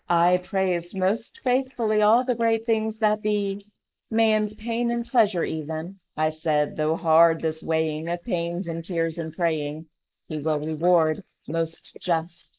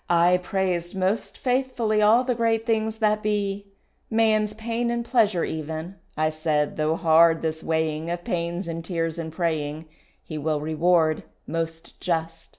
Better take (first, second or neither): second